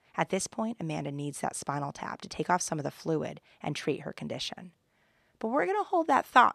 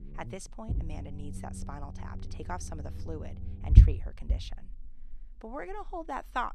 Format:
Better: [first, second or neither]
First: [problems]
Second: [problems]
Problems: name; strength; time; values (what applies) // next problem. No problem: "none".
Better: first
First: none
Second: low rumble; loud; throughout; 6 dB below the speech